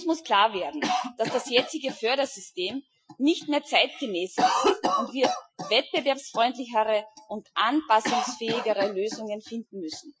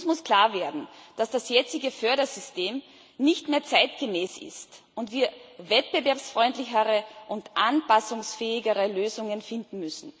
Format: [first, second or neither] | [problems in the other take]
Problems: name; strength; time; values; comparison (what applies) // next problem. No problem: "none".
second | noise reduction (classical method Wiener filter)